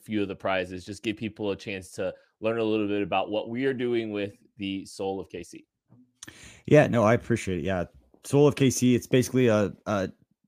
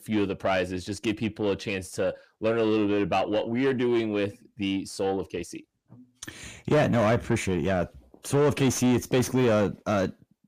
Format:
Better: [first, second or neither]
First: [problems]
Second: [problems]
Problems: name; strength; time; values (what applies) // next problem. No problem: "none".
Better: first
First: none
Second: distortion; heavy; 8 dB below the speech